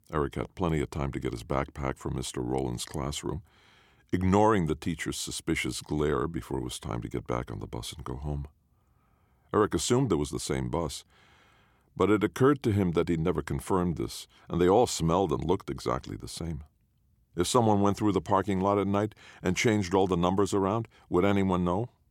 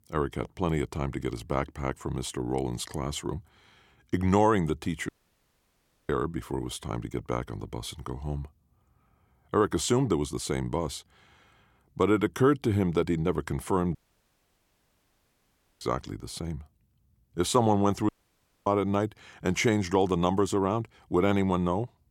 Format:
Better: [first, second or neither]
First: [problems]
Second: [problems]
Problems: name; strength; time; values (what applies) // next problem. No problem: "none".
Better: first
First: none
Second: audio cutting out; at 5 s for 1 s, at 14 s for 2 s and at 18 s for 0.5 s